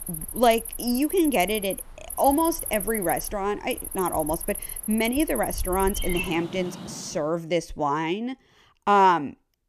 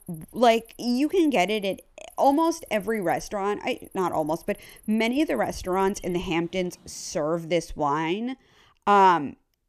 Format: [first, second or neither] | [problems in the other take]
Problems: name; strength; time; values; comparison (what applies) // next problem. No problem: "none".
second | animal sounds; loud; until 7 s; 7 dB below the speech; faint in the second